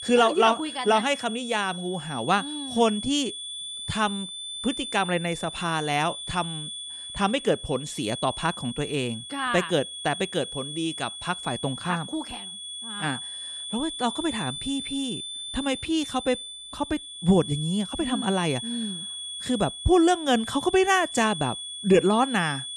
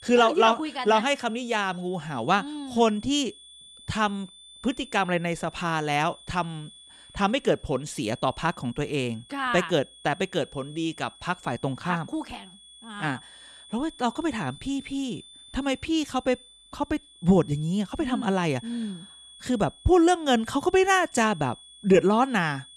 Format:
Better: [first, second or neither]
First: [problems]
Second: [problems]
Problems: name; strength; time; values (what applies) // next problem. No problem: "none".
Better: second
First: high-pitched whine; loud; throughout; 3.5 kHz, 8 dB below the speech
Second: high-pitched whine; faint; throughout; 3.5 kHz, 20 dB below the speech